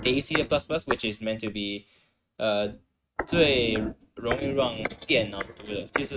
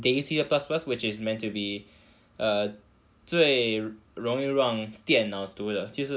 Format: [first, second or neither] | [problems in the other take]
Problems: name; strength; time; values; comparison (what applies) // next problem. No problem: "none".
second | noise reduction (neural mask model RNNoise)